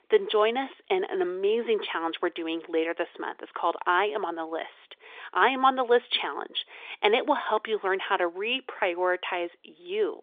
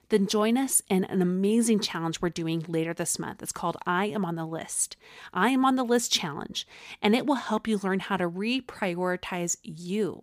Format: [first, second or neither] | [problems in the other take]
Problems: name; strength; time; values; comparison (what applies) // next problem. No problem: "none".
second | phone-call audio